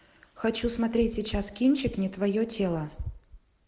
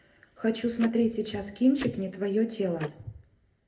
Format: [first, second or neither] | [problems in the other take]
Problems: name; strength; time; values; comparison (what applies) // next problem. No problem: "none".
first | background sound (Tick-tock); 17 dB below the speech // room echo; dies away in 0.3 s